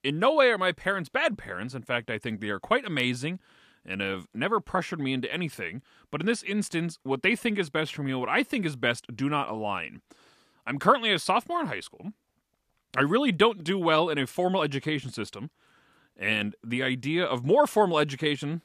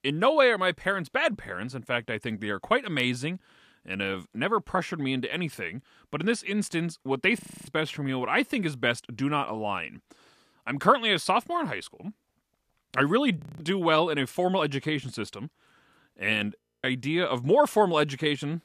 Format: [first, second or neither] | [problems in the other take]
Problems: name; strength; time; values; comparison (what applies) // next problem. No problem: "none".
first | audio freezing; at 7.5 s, at 13 s and at 17 s